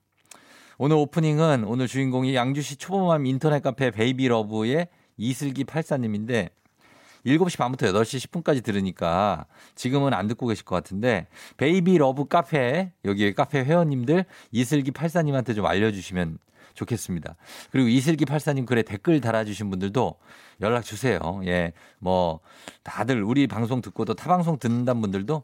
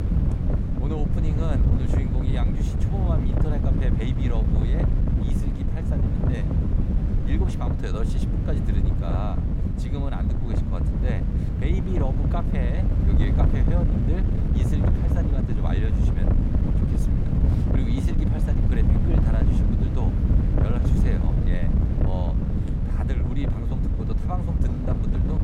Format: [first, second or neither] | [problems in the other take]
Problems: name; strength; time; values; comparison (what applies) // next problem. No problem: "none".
first | wind noise on the microphone; heavy; 3 dB above the speech